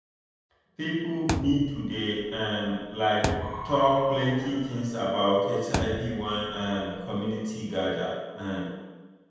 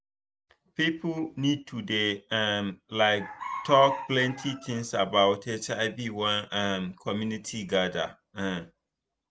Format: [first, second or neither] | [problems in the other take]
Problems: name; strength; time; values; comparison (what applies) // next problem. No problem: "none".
second | background sound (Thump, thud); 7 dB below the speech // room echo; dies away in 1.2 s